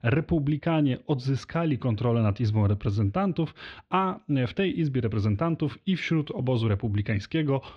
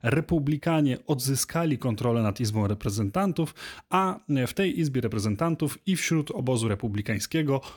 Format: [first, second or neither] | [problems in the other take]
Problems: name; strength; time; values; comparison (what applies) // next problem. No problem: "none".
second | muffled; slightly; fading above 3.5 kHz